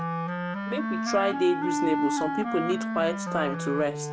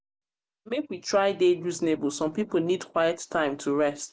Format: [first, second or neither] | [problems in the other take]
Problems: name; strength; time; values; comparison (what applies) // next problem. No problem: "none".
second | background sound (Wind instrument, woodwind instrument); 1 dB below the speech